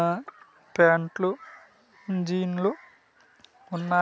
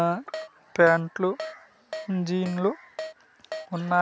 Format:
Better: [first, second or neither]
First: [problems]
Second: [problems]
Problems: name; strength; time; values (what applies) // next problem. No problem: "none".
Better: first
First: none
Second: background sound (Keyboard (musical)); 14 dB below the speech